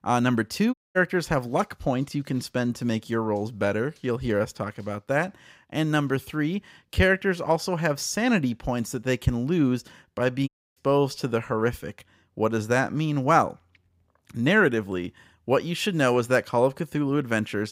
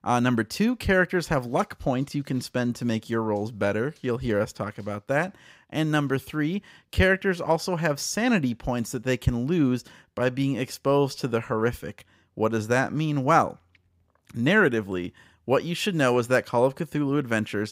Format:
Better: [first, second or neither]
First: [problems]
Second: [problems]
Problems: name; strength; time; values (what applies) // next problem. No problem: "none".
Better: second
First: audio cutting out; at 0.5 s and at 10 s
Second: none